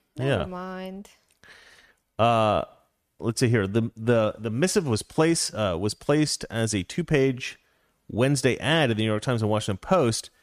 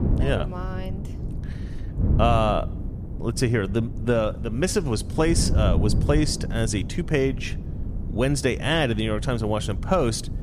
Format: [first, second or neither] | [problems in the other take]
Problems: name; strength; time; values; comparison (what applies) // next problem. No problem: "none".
first | wind noise on the microphone; occasional gusts; 15 dB below the speech